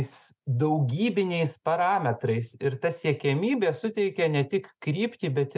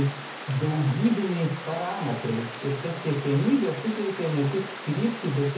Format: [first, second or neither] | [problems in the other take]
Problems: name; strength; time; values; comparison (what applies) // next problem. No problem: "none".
first | background sound (Water); 11 dB below the speech // room echo; dies away in 0.7 s